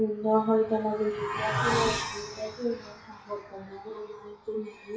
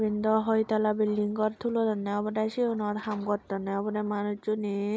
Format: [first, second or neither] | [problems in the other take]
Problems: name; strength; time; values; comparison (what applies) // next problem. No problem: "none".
second | noise reduction (classical method WPE with log-MMSE)